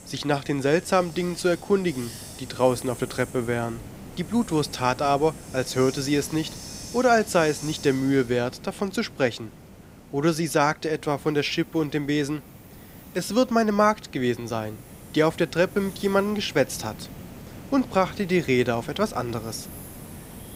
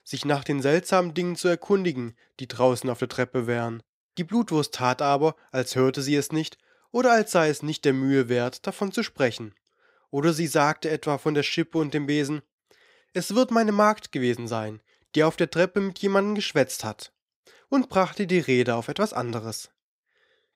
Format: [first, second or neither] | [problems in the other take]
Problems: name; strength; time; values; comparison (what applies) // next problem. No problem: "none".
second | hiss; noticeable; throughout; 15 dB below the speech